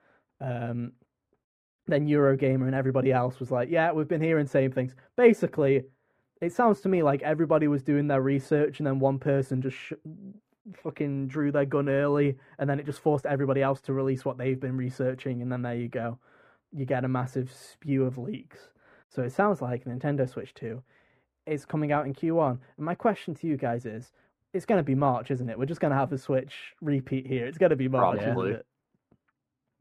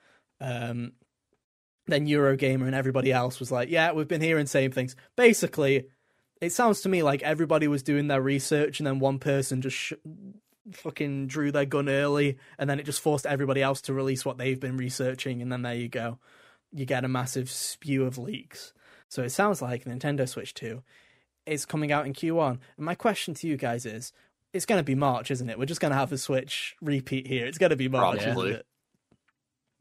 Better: second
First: muffled; very; fading above 2.5 kHz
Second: none

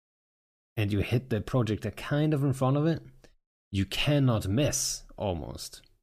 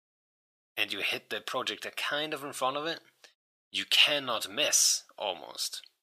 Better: first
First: none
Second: thin; very; fading below 850 Hz

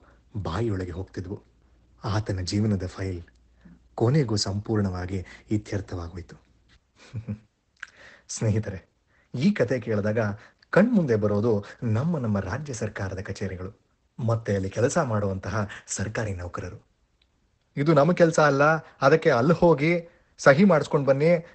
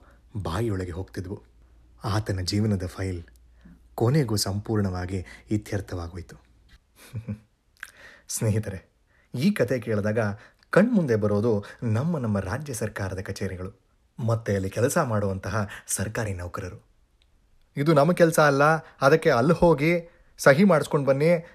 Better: second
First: garbled, watery; badly; nothing above 8 kHz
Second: none

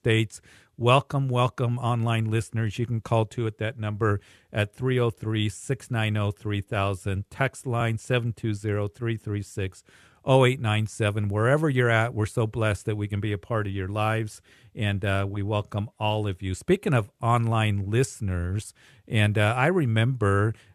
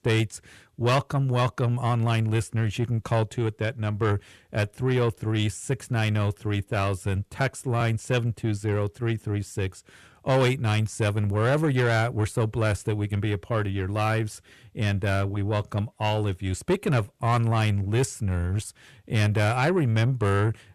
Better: first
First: none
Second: distortion; slight; 10 dB below the speech

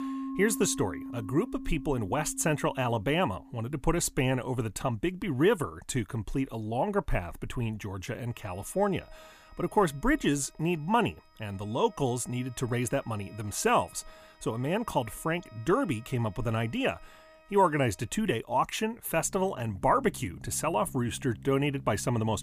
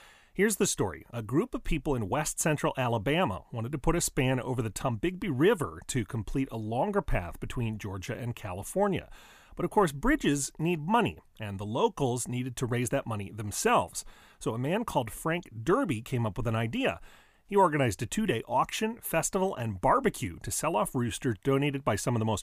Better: second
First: background music; noticeable; throughout; 15 dB below the speech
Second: none

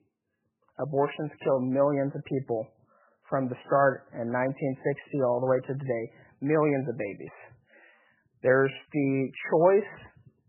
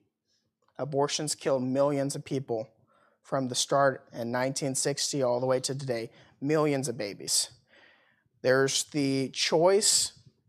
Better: second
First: garbled, watery; badly; nothing above 3 kHz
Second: none

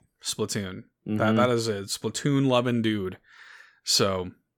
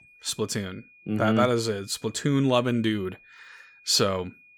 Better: first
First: none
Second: high-pitched whine; faint; throughout; 2.5 kHz, 25 dB below the speech

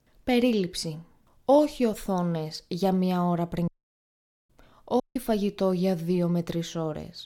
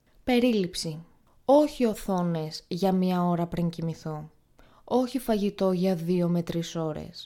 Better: second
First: audio cutting out; at 3.5 s for 1 s and at 5 s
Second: none

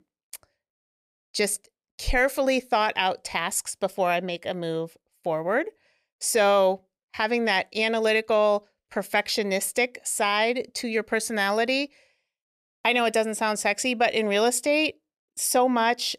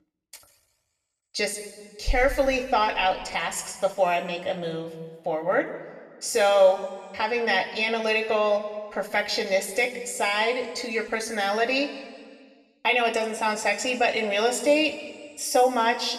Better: first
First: none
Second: room echo; slight; dies away in 1.6 s // off-mic speech; somewhat distant

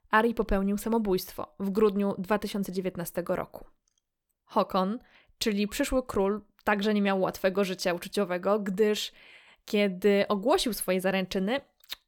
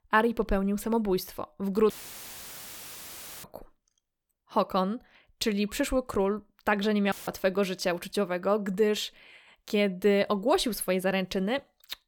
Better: first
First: none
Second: audio cutting out; filled with static; at 2 s for 1.5 s and at 7 s

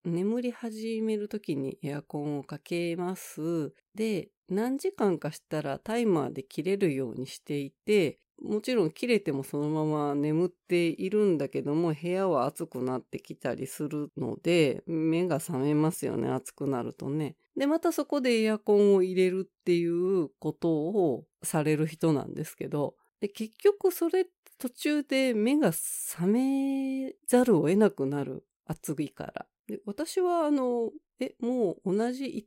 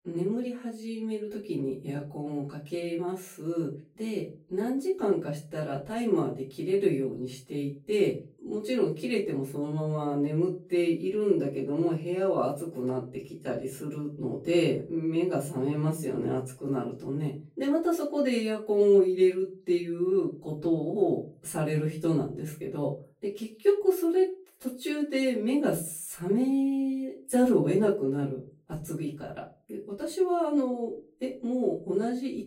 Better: first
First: none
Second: off-mic speech; far // room echo; slight; dies away in 0.3 s

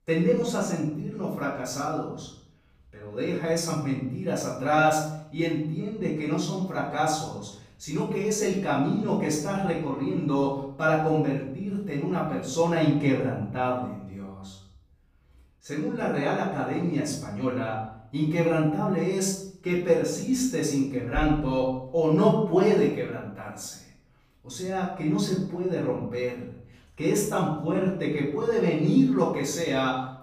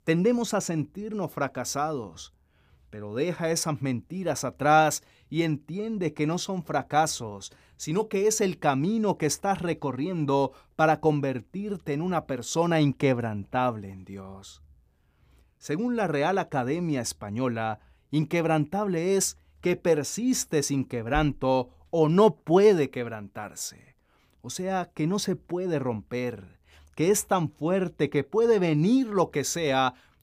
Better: second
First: off-mic speech; far // room echo; noticeable; dies away in 0.6 s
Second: none

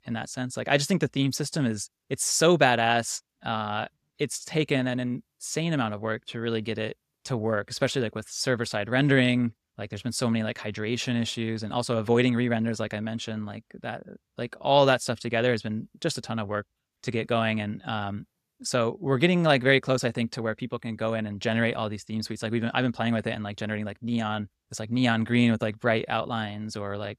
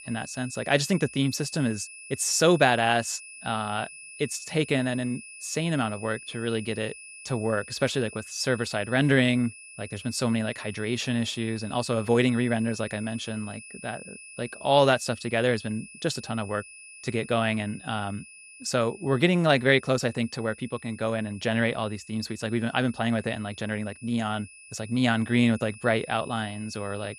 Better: first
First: none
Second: high-pitched whine; noticeable; throughout; 2.5 kHz, 15 dB below the speech

